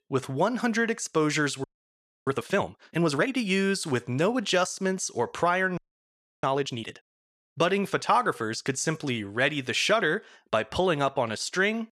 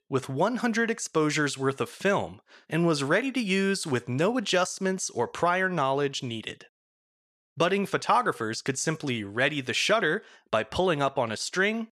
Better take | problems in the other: second | audio freezing; at 1.5 s for 0.5 s and at 6 s for 0.5 s

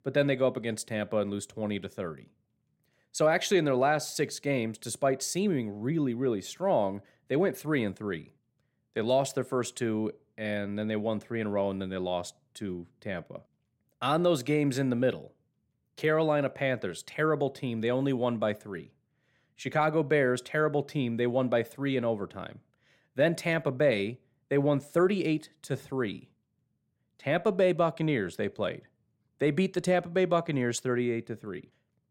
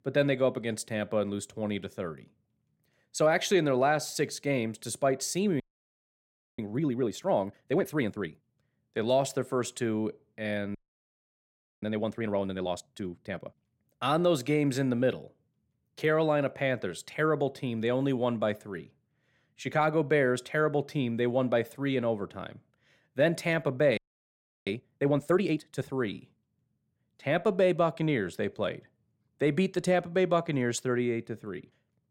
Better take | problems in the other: first | audio freezing; at 5.5 s for 1 s, at 11 s for 1 s and at 24 s for 0.5 s

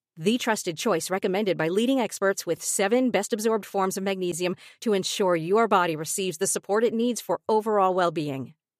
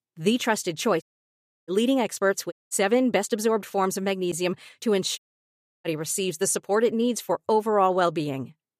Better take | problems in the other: first | audio cutting out; at 1 s for 0.5 s, at 2.5 s and at 5 s for 0.5 s

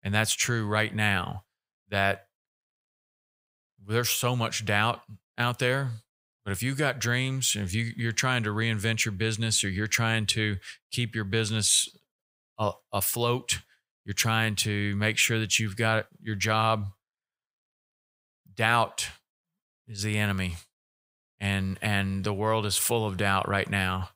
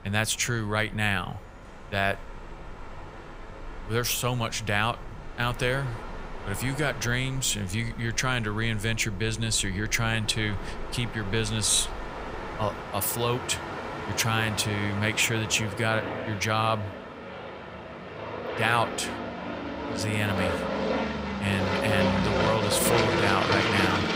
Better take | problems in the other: first | train or aircraft noise; loud; throughout; 5 dB below the speech

